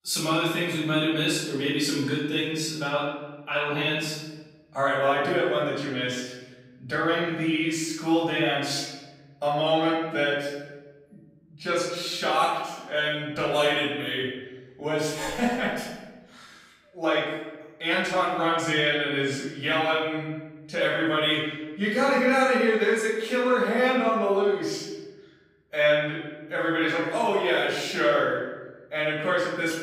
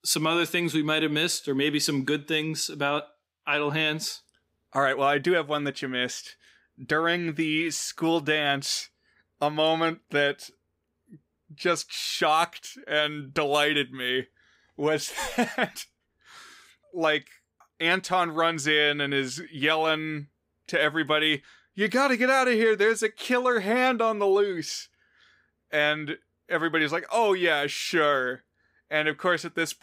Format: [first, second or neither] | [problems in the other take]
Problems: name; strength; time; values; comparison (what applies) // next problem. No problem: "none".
second | off-mic speech; far // room echo; noticeable; dies away in 1.1 s